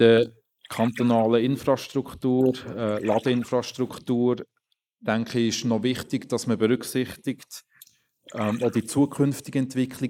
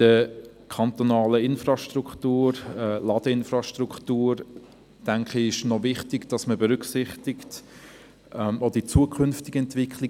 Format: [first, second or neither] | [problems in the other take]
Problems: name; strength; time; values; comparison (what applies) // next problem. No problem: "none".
second | noise reduction (neural mask model Resemble Enhance denoiser)